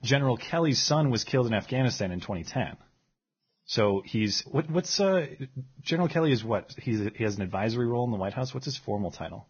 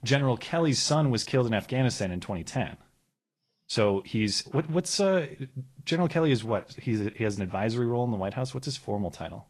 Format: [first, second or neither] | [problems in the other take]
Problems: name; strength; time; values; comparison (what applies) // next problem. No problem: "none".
second | garbled, watery; badly; nothing above 6.5 kHz; slightly in the second